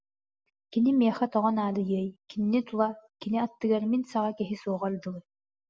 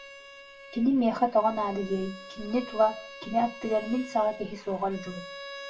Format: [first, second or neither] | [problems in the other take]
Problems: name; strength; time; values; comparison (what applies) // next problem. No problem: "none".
first | background sound (Bowed string instrument); 16 dB below the speech // room echo; dies away in 0.2 s